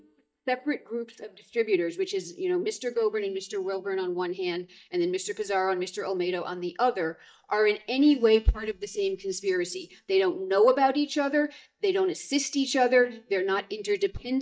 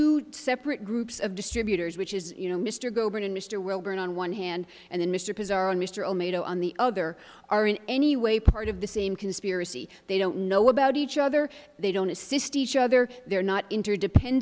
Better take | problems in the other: second | noise reduction (neural mask model DeepFilterNet 3)

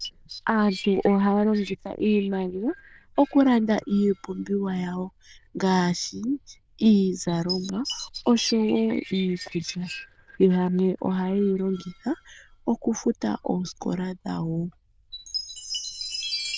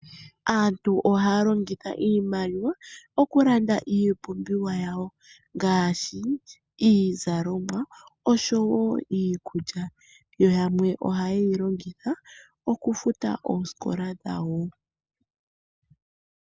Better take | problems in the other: second | noise reduction (neural diffusion model UNIVERSE++)

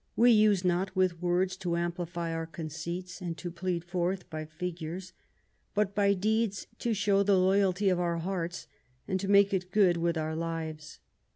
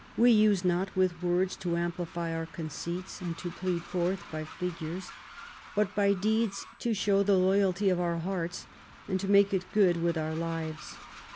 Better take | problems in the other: first | background sound (Train); 20 dB below the speech

